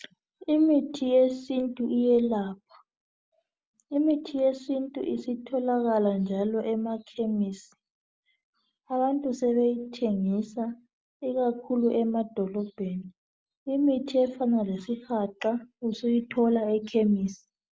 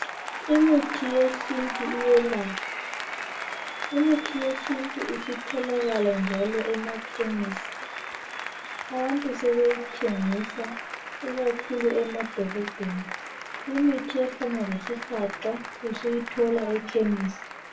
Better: first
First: none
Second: background sound (Applause); 8 dB below the speech // room echo; dies away in 0.2 s

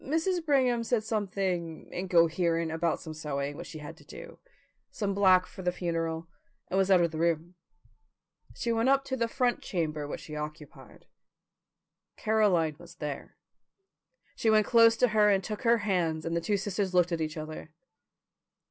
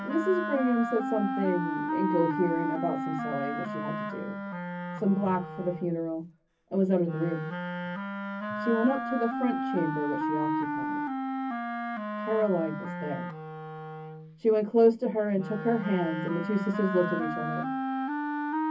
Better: first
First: none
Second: background sound (Wind instrument, woodwind instrument); 3 dB below the speech // room echo; dies away in 0.3 s

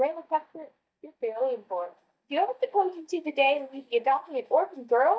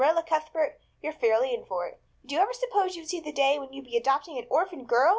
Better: second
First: noise reduction (neural mask model DeepFilterNet 3)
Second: none

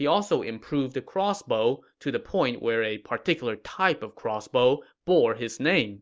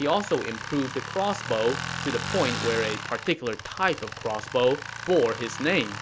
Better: first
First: none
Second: background sound (Tools); 8 dB below the speech

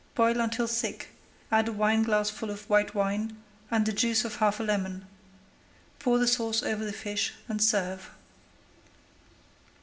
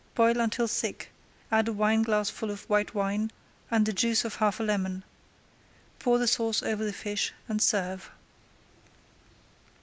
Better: second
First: room echo; dies away in 0.5 s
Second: none

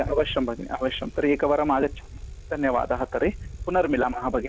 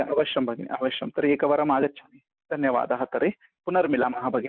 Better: second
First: background sound (Bicycle); 13 dB below the speech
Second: none

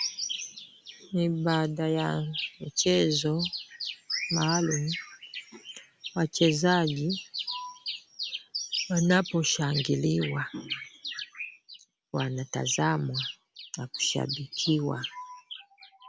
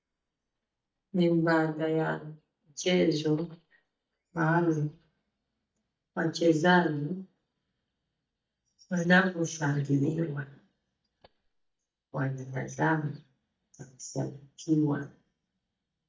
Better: first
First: none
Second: noise reduction (neural mask model DeepFilterNet 3)

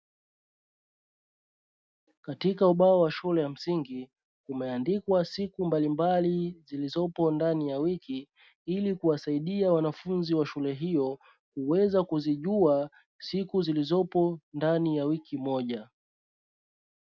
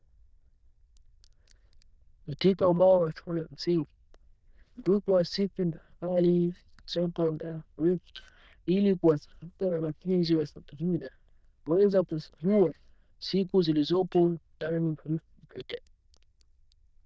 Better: first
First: none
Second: noise reduction (neural diffusion model UNIVERSE++)

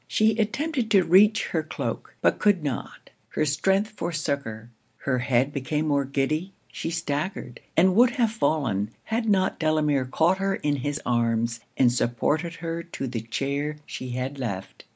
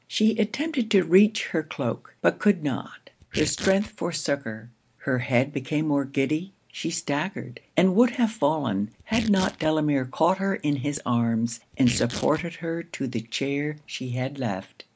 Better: first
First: none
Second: background sound (Tearing); 14 dB below the speech

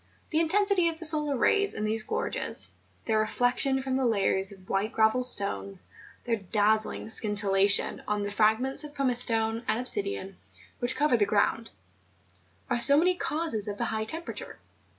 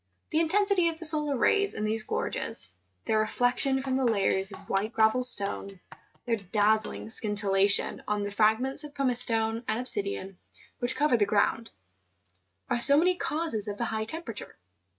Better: first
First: none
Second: noise reduction (neural mask model RNNoise)

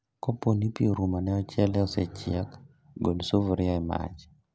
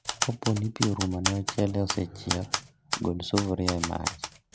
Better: first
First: none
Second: background sound (Typewriter); 4 dB below the speech

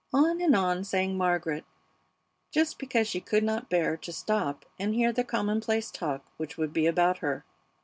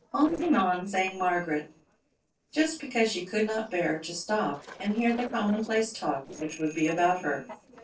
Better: first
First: none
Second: noise reduction (neural separator model SepFormer DNS4)

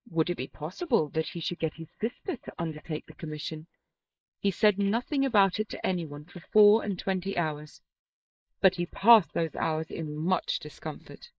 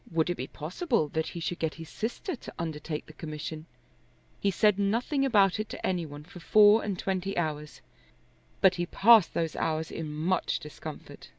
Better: second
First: noise reduction (neural mask model Resemble Enhance denoiser)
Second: none

